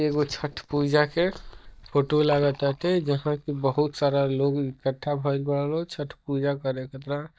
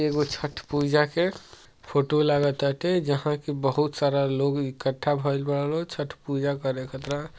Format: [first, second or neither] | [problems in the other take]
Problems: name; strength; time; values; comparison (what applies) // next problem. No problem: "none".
second | noise reduction (neural mask model DeepFilterNet 3)